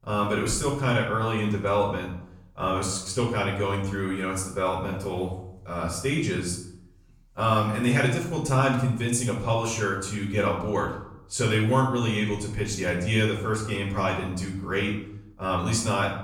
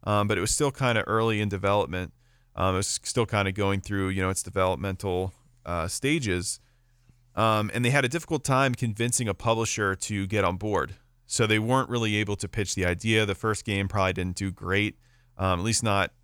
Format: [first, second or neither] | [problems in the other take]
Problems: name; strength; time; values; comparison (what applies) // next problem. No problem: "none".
second | off-mic speech; far // room echo; noticeable; dies away in 0.6 s